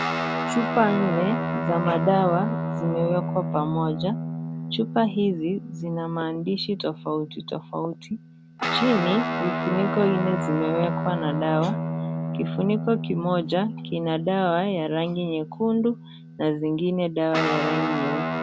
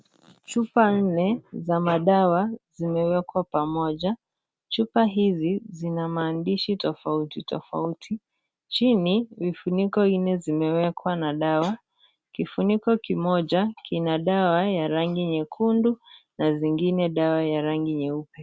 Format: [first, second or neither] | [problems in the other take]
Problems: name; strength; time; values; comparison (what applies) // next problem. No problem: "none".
second | background sound (Guitar); 4 dB below the speech